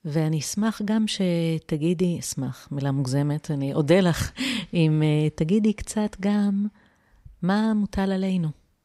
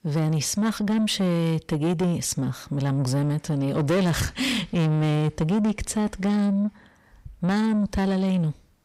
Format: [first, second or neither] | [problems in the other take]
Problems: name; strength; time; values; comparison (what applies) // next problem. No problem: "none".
first | distortion; slight; 10 dB below the speech